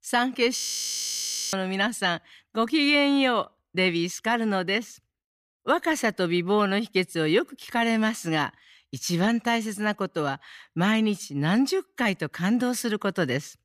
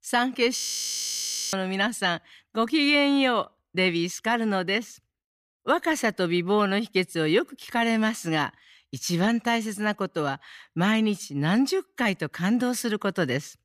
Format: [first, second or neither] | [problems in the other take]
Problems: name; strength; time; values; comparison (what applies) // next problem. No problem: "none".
neither | audio freezing; at 0.5 s for 1 s; the same in both